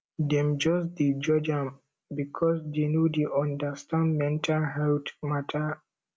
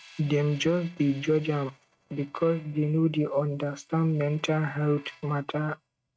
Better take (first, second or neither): first